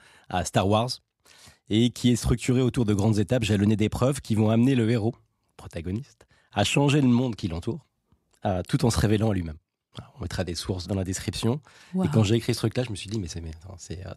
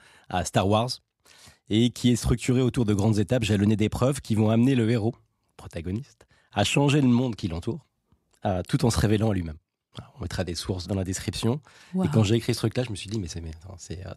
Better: neither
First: none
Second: none

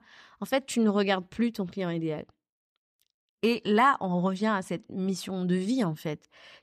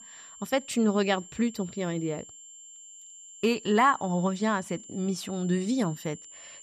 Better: first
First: none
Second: high-pitched whine; noticeable; throughout; 7.5 kHz, 15 dB below the speech

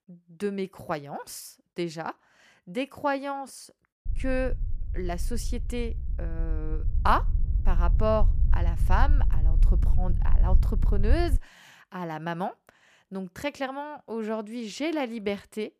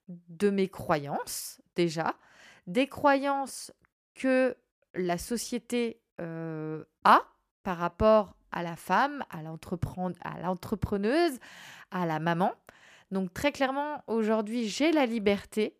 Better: second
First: low rumble; noticeable; from 4 to 11 s; 15 dB below the speech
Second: none

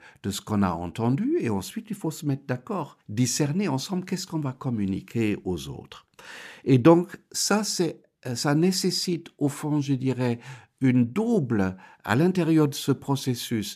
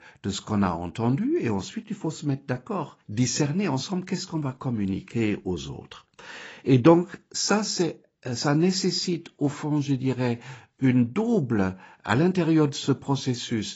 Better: first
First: none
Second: garbled, watery; badly; nothing above 7.5 kHz

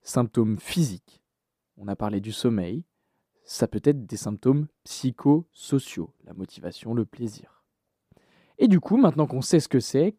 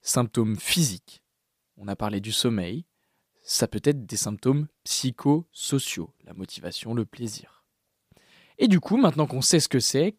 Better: second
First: muffled; slightly; fading above 2 kHz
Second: none

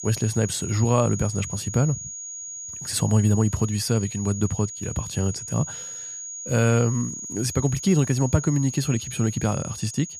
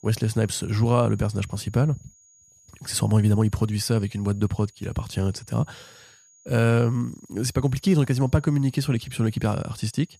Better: second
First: high-pitched whine; loud; throughout; 6.5 kHz, 9 dB below the speech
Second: high-pitched whine; faint; throughout; 6.5 kHz, 30 dB below the speech

